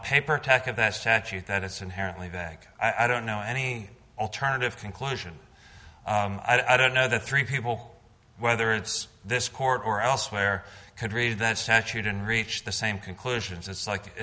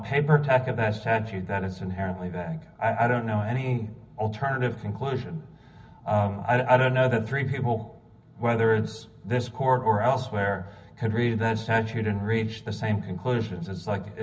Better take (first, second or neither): first